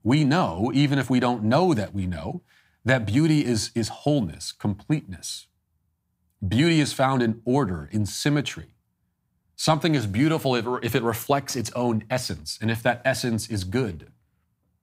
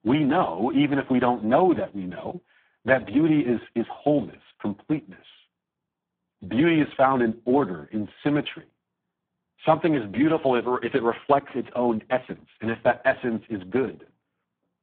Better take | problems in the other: first | phone-call audio; poor line

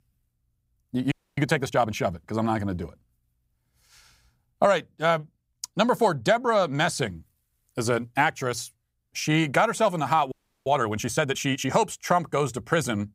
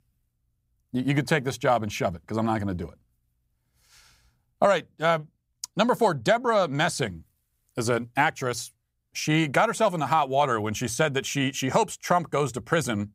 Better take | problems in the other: second | audio freezing; at 1 s and at 10 s

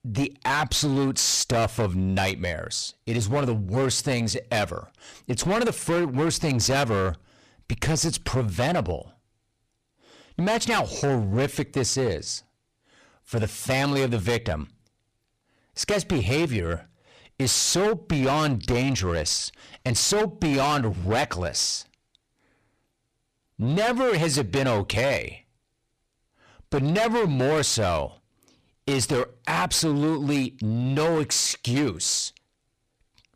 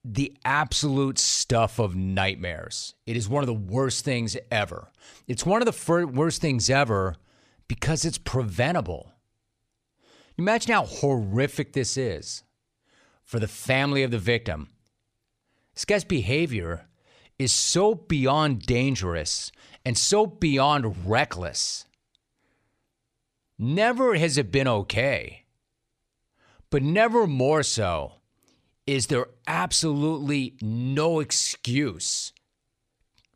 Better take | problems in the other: second | distortion; heavy; 14% of the sound clipped

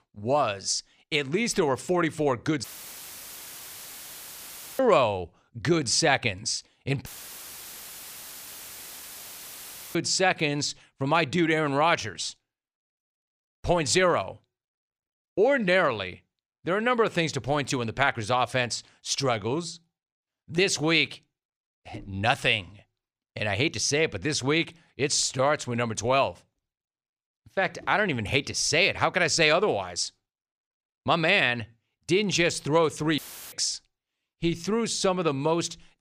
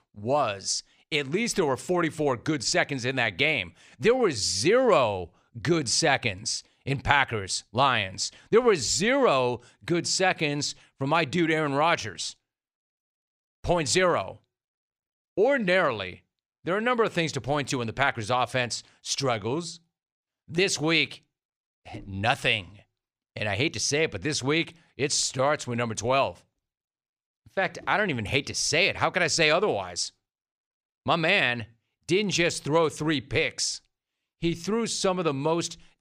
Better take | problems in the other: second | audio cutting out; filled with static; at 2.5 s for 2 s, at 7 s for 3 s and at 33 s

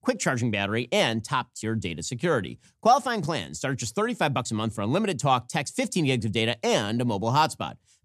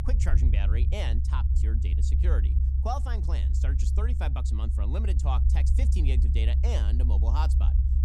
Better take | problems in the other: first | low rumble; loud; throughout; 5 dB below the speech

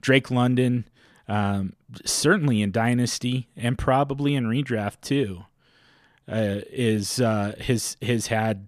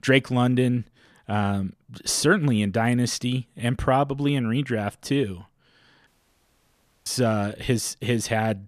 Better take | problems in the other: first | audio cutting out; at 6 s for 1 s

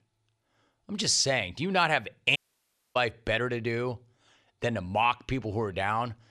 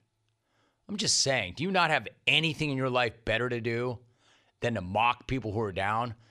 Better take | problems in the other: second | audio cutting out; at 2.5 s for 0.5 s

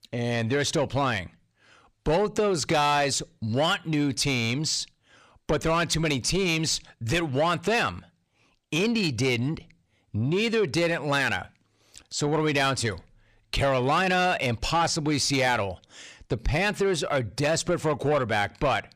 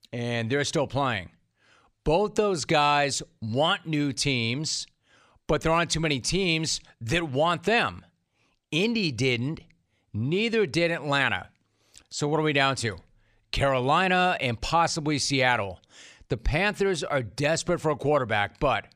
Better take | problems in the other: second | distortion; slight; 10 dB below the speech

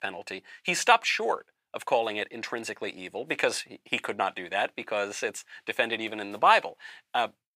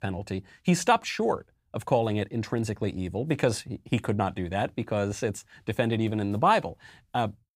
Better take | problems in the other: second | thin; very; fading below 500 Hz

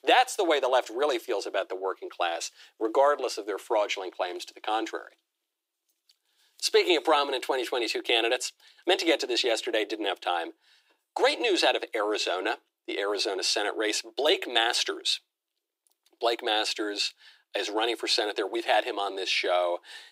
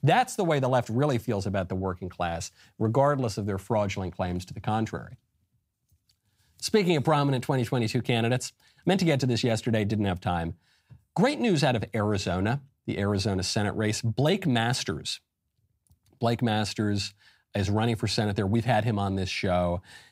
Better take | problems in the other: second | thin; very; fading below 350 Hz

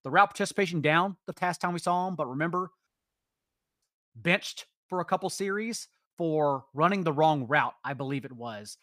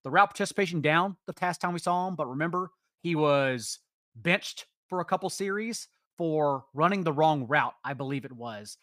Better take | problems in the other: second | audio cutting out; at 3 s for 1 s

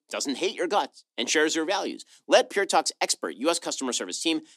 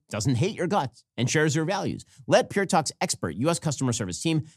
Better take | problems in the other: second | thin; somewhat; fading below 250 Hz

